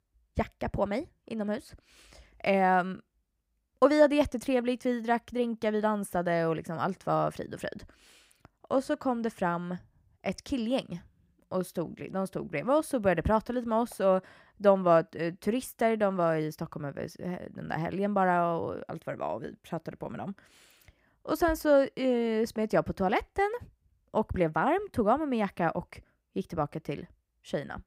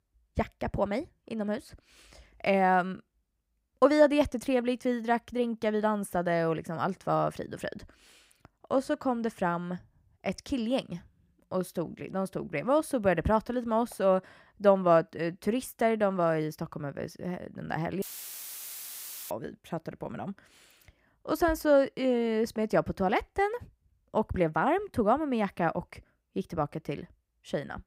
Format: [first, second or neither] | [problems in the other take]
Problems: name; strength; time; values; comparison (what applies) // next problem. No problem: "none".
first | audio cutting out; filled with static; at 18 s for 1.5 s